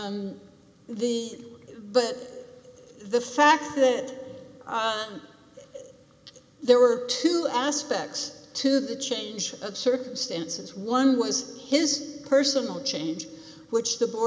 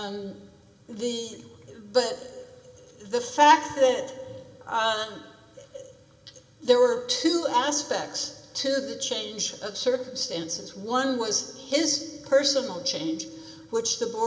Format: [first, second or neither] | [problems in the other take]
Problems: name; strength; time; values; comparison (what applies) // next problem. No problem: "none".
first | room echo; dies away in 0.7 s